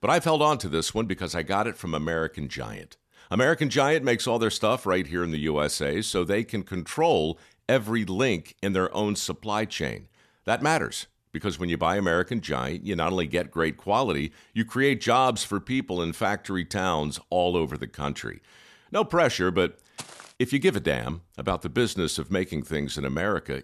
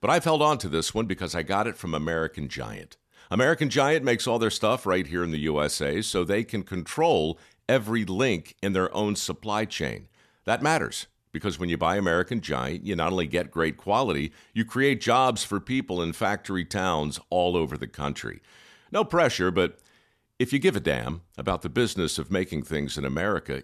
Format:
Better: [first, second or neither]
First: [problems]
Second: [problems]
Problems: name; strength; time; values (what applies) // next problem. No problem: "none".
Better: second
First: footsteps; faint; at 20 s; peak 15 dB below the speech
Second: none